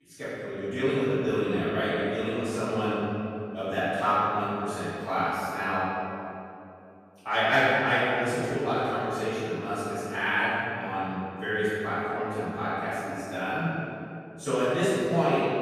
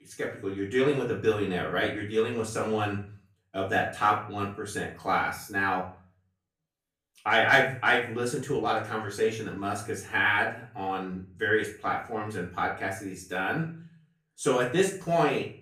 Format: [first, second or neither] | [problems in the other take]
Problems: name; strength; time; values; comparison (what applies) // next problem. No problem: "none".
second | room echo; strong; dies away in 2.5 s; slight in the second // off-mic speech; far; far in the second